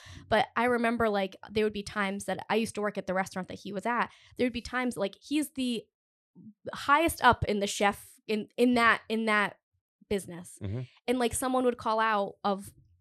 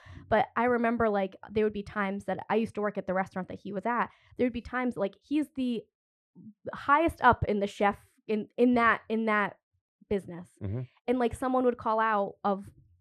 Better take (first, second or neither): first